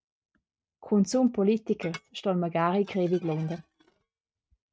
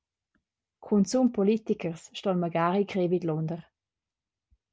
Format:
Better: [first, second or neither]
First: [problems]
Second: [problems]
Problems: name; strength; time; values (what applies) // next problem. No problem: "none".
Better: second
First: noise reduction (neural mask model RNNoise)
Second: none